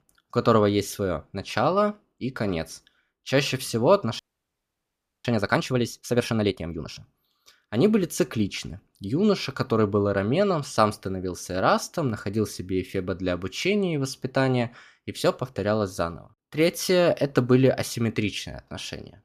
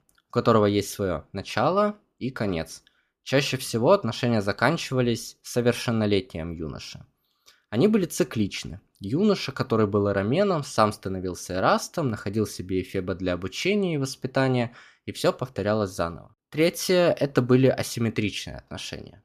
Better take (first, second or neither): second